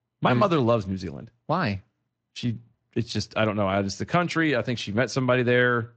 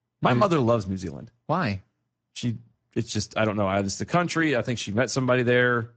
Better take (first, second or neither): first